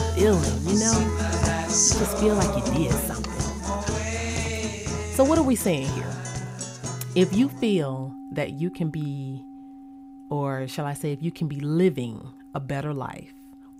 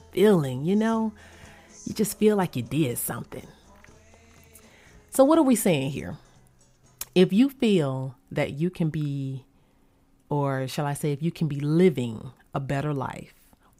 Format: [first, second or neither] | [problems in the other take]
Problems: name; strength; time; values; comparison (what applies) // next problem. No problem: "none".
second | background music; loud; throughout; as loud as the speech; faint in the second